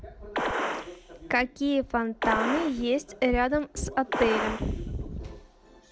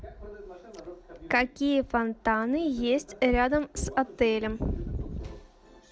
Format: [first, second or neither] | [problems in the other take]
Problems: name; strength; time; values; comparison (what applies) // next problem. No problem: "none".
second | background sound (Gunshot, gunfire); 5 dB below the speech